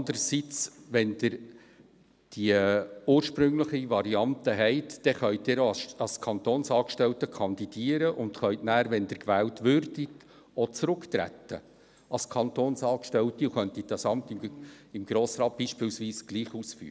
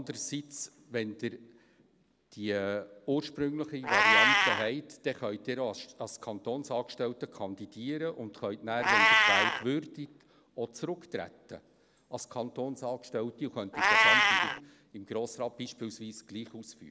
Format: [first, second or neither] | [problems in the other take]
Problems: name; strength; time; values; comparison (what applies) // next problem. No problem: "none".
first | background sound (Meow); 4 dB above the speech